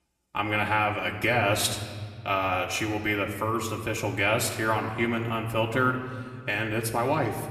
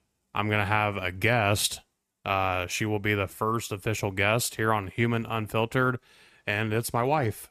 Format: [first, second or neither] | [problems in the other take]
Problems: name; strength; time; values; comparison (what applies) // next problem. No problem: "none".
second | room echo; slight; dies away in 1.4 s // off-mic speech; somewhat distant